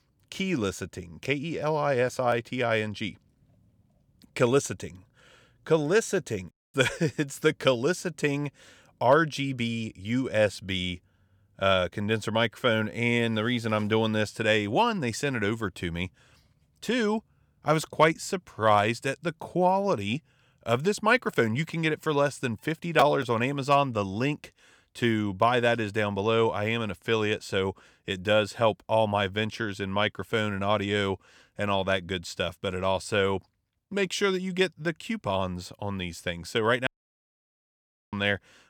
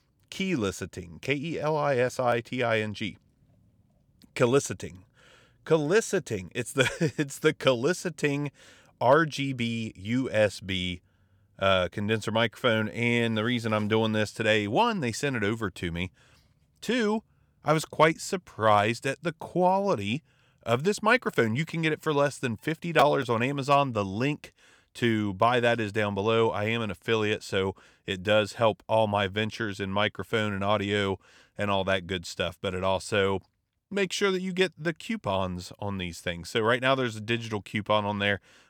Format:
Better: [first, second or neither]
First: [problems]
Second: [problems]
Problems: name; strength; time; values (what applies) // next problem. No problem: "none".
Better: second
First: audio cutting out; at 6.5 s and at 37 s for 1.5 s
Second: none